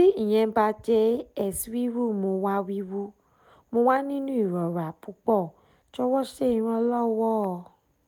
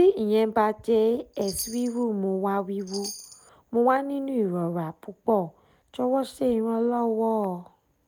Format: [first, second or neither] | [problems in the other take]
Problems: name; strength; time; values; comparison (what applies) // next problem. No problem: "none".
first | background sound (Chime); 17 dB below the speech